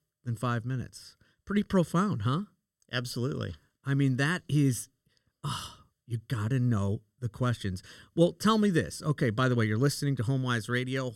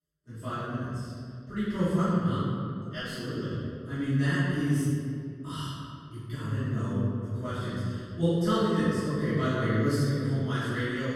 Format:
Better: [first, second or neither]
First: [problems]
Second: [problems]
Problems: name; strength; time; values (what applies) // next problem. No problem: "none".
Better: first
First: none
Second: off-mic speech; far // room echo; strong; dies away in 2.1 s